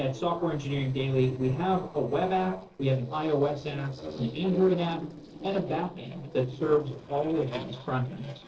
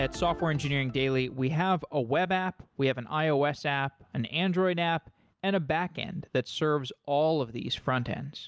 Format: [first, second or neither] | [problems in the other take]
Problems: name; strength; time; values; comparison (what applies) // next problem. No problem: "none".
second | noise reduction (neural separator model SepFormer DNS4)